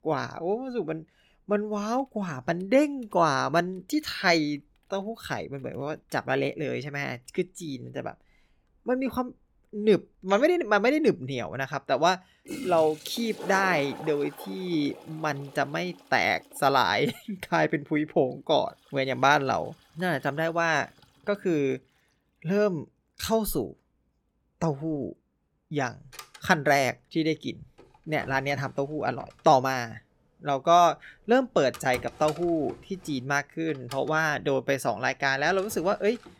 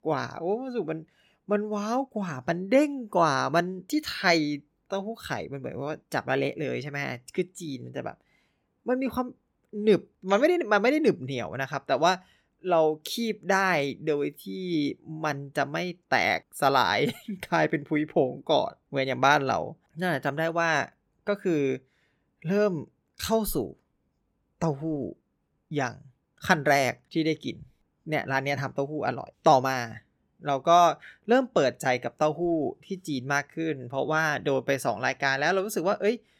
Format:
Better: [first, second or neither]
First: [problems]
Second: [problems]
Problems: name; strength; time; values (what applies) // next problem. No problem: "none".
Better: second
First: household noises; noticeable; throughout; 20 dB below the speech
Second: none